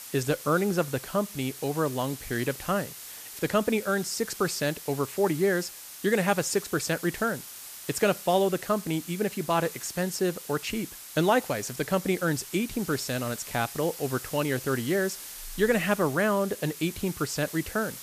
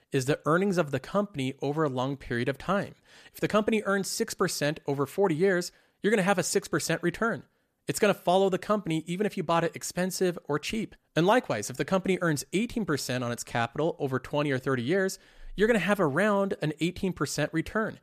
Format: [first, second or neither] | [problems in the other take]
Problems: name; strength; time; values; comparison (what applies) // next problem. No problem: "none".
second | hiss; noticeable; throughout; 10 dB below the speech